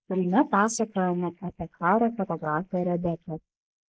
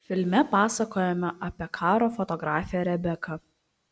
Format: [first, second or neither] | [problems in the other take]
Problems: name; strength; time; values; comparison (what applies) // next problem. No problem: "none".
second | noise reduction (neural mask model Resemble Enhance denoiser)